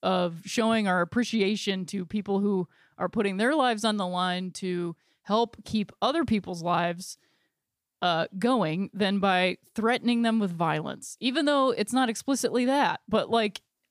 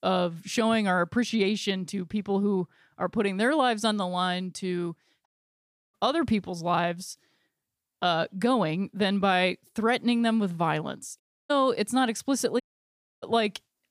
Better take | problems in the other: first | audio cutting out; at 5.5 s for 0.5 s, at 11 s and at 13 s for 0.5 s

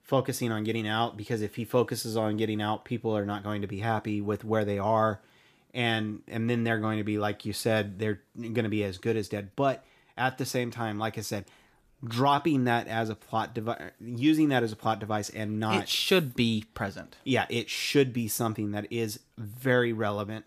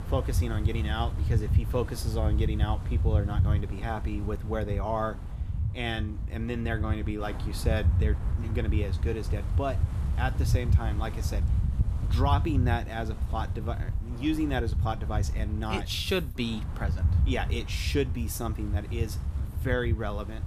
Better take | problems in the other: first | wind noise on the microphone; occasional gusts; 10 dB below the speech

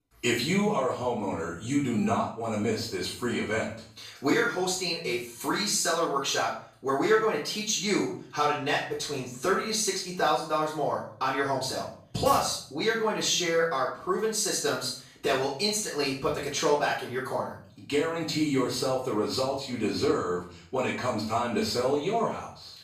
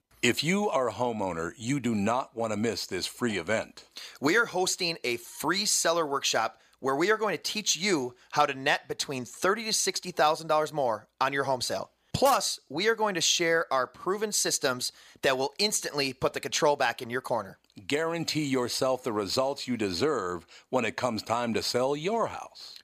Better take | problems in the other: second | off-mic speech; far // room echo; noticeable; dies away in 0.5 s

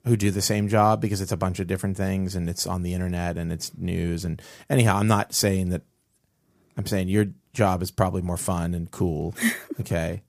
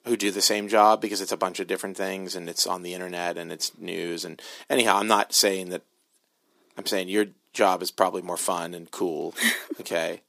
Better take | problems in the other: first | thin; somewhat; fading below 300 Hz

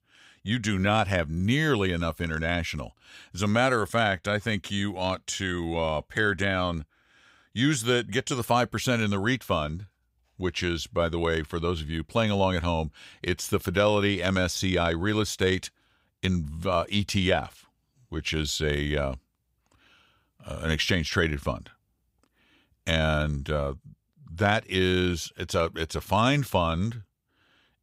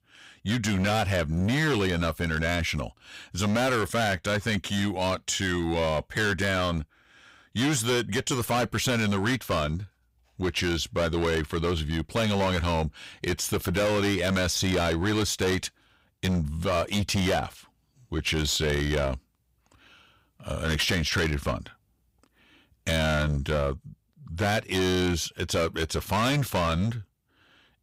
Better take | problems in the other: first | distortion; heavy; 15% of the sound clipped

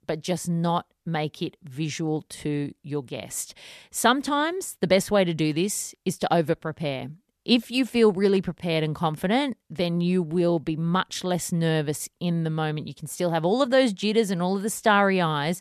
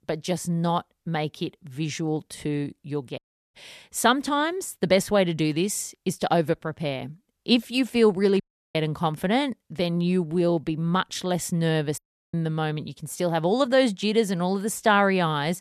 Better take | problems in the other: first | audio cutting out; at 3 s, at 8.5 s and at 12 s

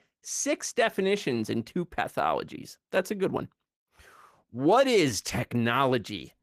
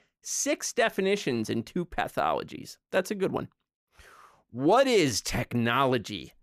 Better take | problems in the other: second | garbled, watery; slightly; nothing above 14.5 kHz

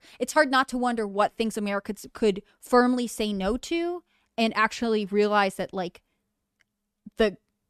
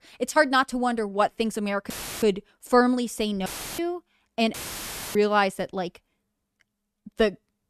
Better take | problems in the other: first | audio cutting out; filled with static; at 2 s, at 3.5 s and at 4.5 s for 0.5 s

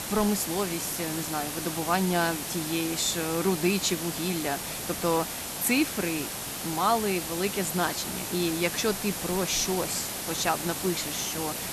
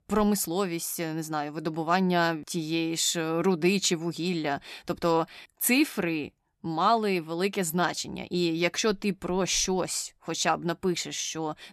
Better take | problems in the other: second | hiss; loud; throughout; 3 dB below the speech

